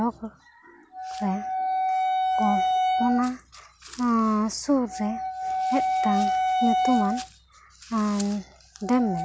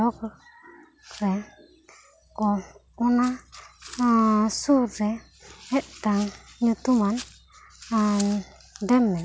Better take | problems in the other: second | background sound (Wind instrument, woodwind instrument); as loud as the speech

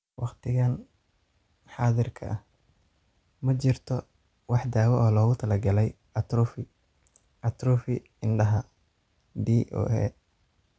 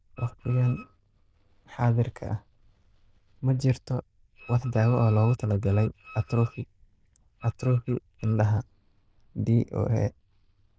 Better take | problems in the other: first | noise reduction (neural diffusion model UNIVERSE++)

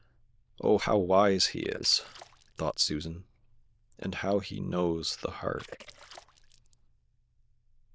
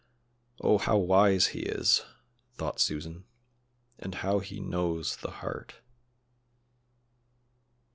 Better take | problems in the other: second | noise reduction (neural diffusion model UNIVERSE++)

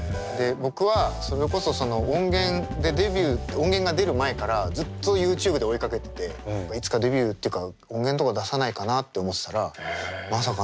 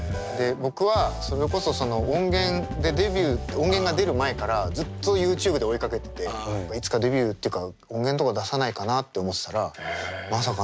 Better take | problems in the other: first | background sound (Burping, eructation); 9 dB below the speech

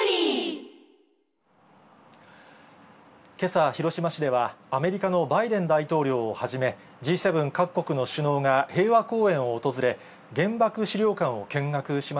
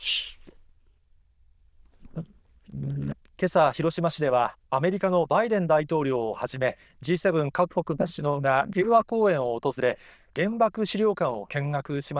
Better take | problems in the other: first | noise reduction (neural diffusion model UNIVERSE++)

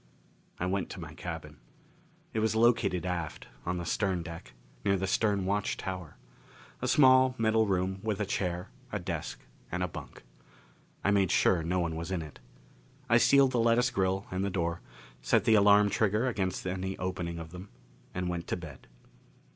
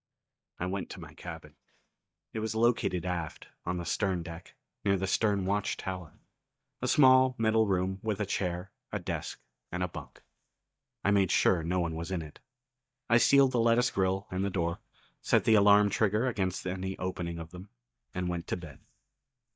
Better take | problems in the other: first | noise reduction (neural mask model DeepFilterNet 3)

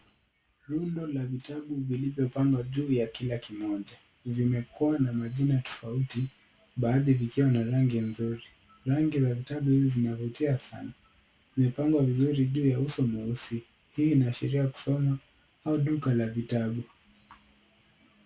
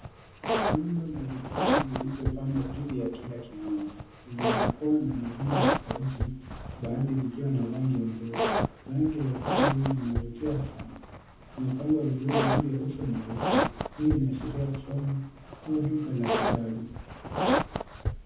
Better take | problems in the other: first | background sound (Zipper (clothing)); 1 dB below the speech // room echo; dies away in 0.8 s

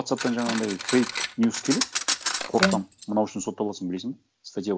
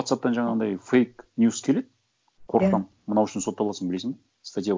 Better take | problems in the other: second | background sound (Cutlery, silverware); 4 dB below the speech

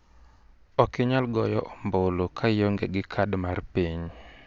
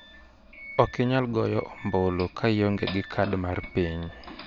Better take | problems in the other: first | background sound (Doorbell); 16 dB below the speech

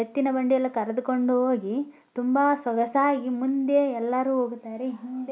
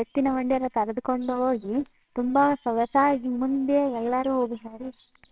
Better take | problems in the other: first | noise reduction (neural separator model SepFormer WHAMR!)

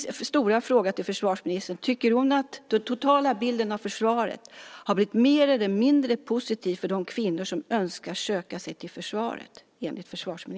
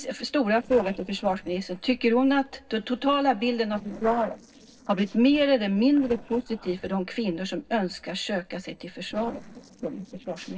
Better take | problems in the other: first | noise reduction (neural separator model SepFormer DNS4)

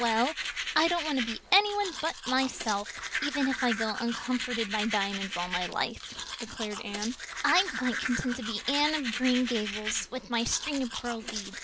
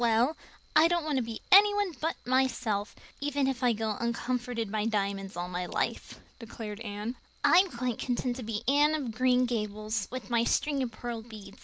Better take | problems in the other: second | background sound (Domestic sounds, home sounds); 6 dB below the speech

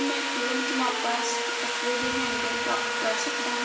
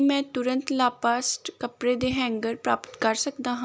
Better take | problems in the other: second | background sound (Sawing); 3 dB above the speech // room echo; dies away in 2.4 s

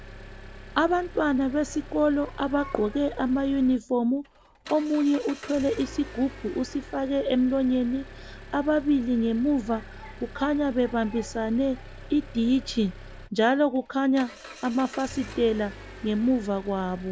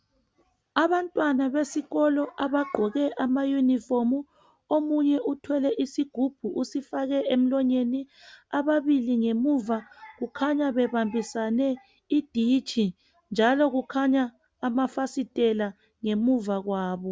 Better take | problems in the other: second | background sound (Engine); 16 dB below the speech

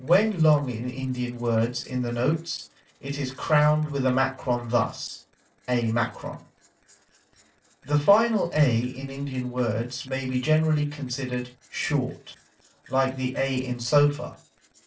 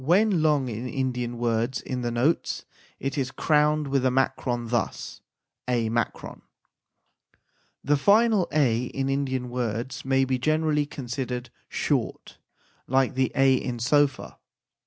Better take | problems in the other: second | noise reduction (neural separator model SepFormer DNS4)

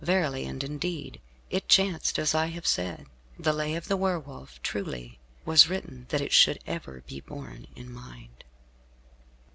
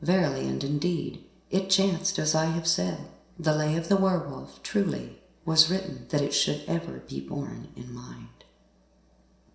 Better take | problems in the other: first | room echo; dies away in 0.7 s

